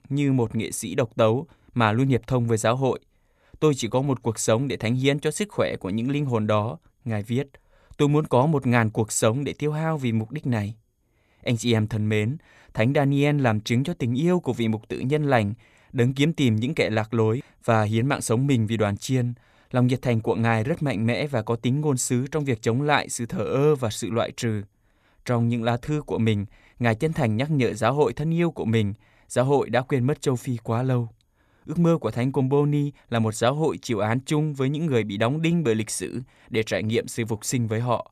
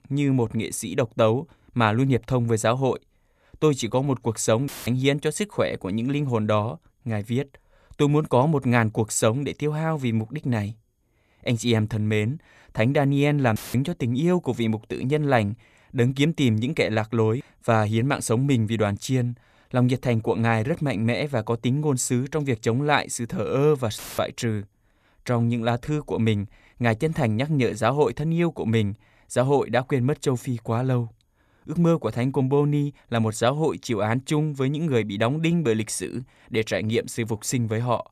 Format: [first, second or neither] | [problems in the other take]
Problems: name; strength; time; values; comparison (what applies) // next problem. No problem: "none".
first | audio cutting out; filled with static; at 4.5 s, at 14 s and at 24 s